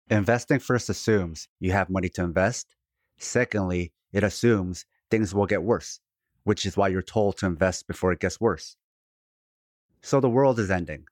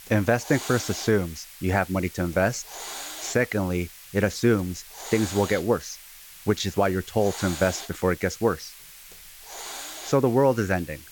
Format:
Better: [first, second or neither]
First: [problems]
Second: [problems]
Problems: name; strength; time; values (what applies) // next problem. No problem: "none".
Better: first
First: none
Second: hiss; noticeable; throughout; 15 dB below the speech